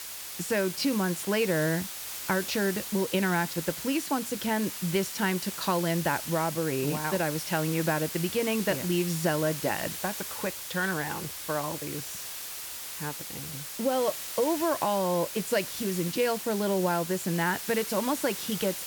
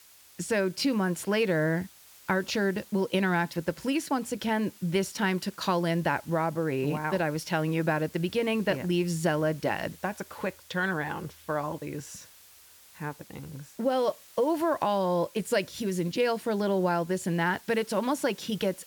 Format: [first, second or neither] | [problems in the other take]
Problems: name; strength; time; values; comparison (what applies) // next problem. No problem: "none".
second | hiss; loud; throughout; 6 dB below the speech; faint in the second